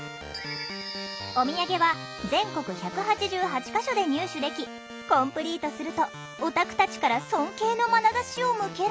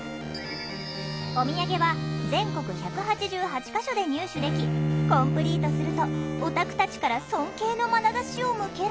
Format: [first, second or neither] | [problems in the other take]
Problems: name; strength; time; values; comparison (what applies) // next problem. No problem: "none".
first | background sound (Bowed string instrument); 2 dB below the speech